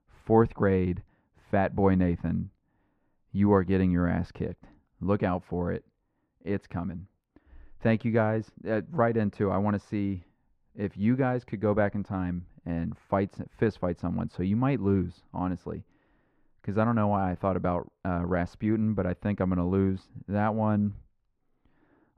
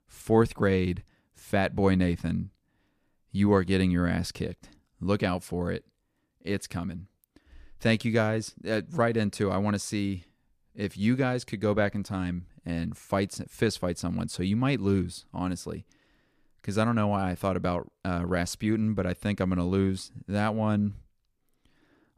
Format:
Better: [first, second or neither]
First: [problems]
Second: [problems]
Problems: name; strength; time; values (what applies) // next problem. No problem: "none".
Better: second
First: muffled; very; fading above 3.5 kHz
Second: none